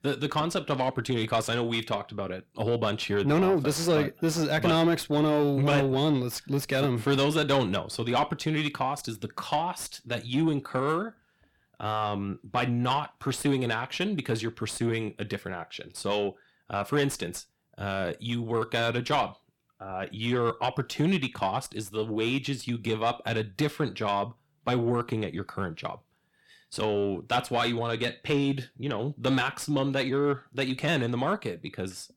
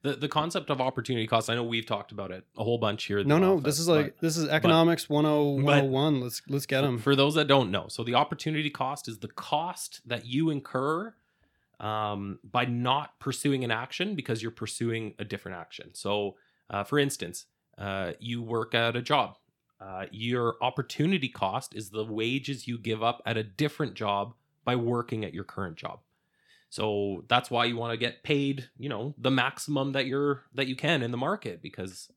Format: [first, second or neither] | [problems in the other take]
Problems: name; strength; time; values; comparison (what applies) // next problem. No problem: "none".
second | distortion; slight; 10 dB below the speech